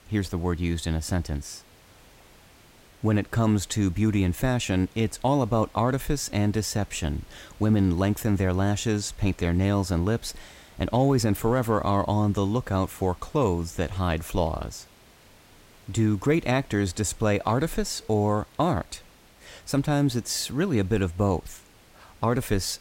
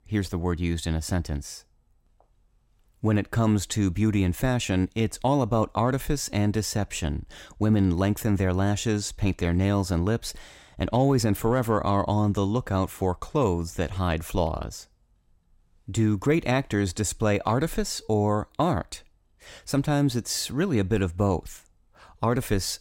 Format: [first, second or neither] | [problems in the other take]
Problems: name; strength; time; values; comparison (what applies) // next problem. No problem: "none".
second | hiss; faint; throughout; 25 dB below the speech